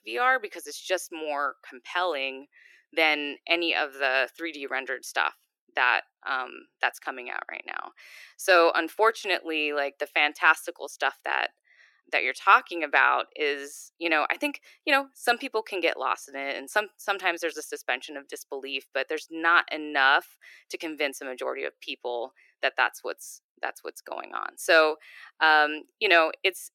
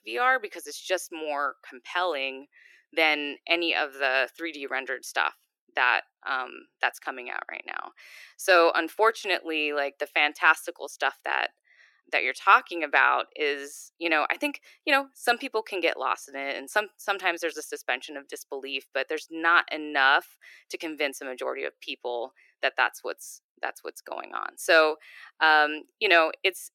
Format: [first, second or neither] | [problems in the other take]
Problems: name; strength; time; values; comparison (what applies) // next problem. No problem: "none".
neither | thin; very; fading below 350 Hz; the same in both